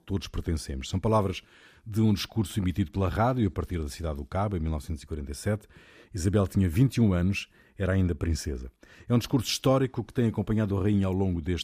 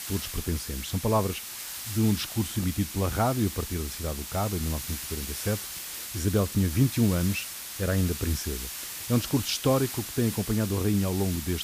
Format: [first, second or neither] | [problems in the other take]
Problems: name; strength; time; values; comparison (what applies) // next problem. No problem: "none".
first | hiss; loud; throughout; 7 dB below the speech